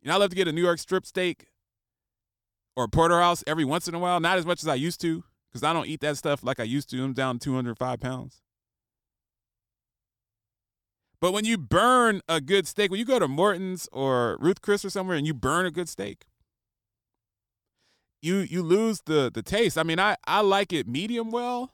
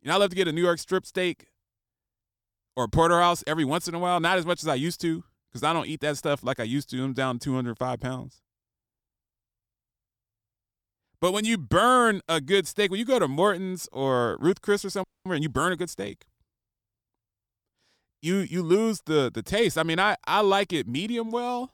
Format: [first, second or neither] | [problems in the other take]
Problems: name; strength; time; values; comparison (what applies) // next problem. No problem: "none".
first | audio freezing; at 15 s